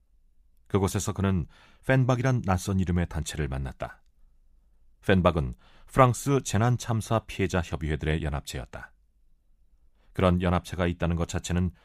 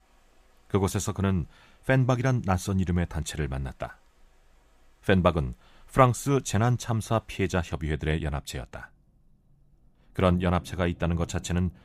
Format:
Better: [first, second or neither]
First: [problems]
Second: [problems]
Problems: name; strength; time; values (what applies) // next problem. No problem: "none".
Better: first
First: none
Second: rain or running water; faint; throughout; 20 dB below the speech